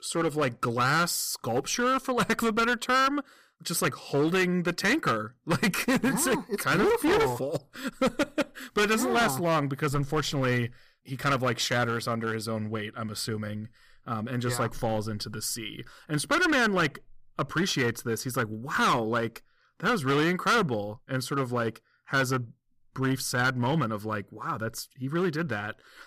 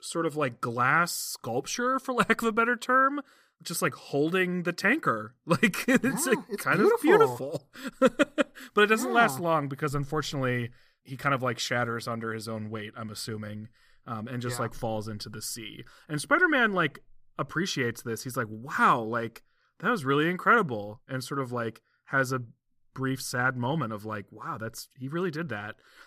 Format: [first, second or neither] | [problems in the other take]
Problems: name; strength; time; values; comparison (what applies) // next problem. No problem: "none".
second | distortion; heavy; 9% of the sound clipped